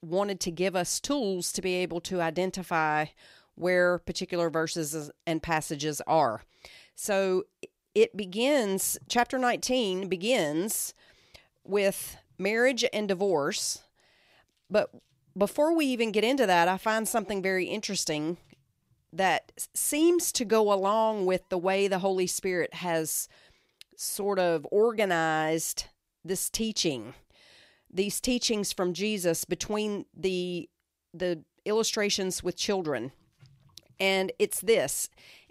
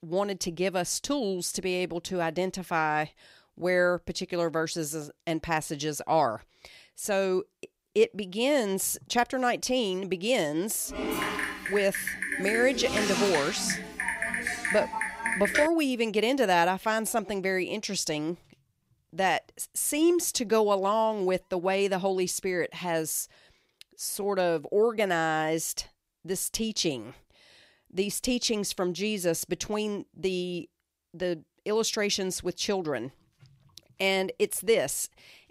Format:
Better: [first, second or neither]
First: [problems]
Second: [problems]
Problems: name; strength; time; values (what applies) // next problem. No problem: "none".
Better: first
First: none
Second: keyboard typing; loud; from 11 to 16 s; peak 2 dB above the speech